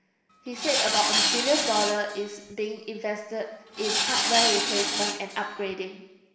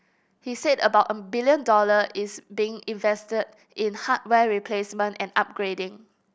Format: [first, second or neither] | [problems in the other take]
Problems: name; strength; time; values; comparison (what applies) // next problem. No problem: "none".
second | background sound (Tools); 2 dB above the speech // room echo; dies away in 1.2 s